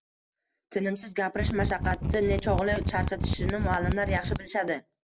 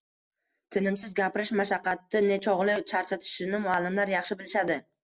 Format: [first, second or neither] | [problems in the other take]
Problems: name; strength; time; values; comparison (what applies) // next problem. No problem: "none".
second | background sound (Mechanisms); 1 dB above the speech